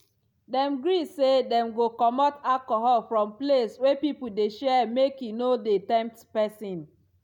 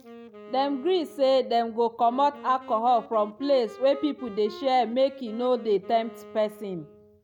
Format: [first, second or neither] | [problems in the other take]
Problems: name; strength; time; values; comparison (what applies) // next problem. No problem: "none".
first | background sound (Wind instrument, woodwind instrument); 20 dB below the speech